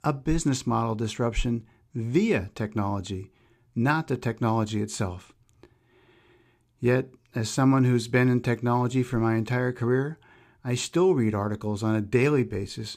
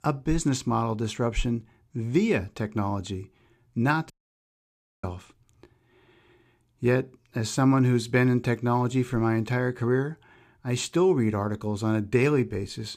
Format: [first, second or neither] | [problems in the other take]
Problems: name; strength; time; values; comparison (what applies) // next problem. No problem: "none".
first | audio cutting out; at 4 s for 1 s